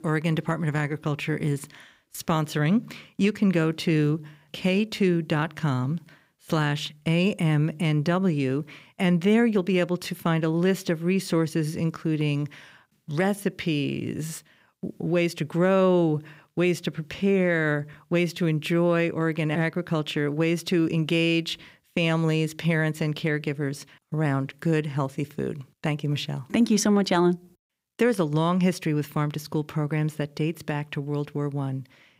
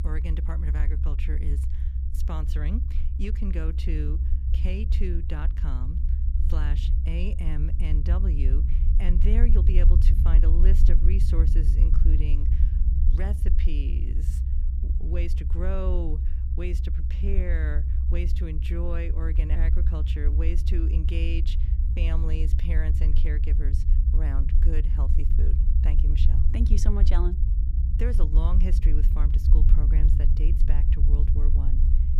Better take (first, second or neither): first